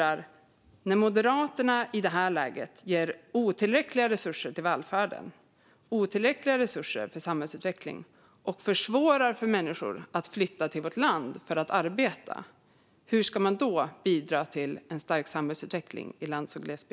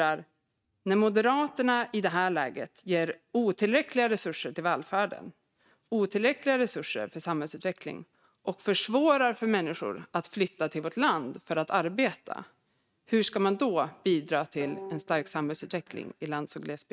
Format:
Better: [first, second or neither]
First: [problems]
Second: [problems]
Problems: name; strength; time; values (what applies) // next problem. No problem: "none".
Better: first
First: none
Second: noise reduction (neural mask model RNNoise)